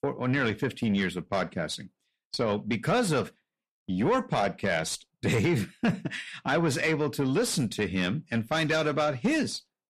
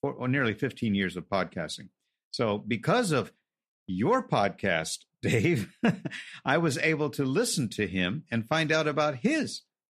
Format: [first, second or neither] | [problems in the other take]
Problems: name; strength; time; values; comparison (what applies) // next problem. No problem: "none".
second | distortion; slight; 10 dB below the speech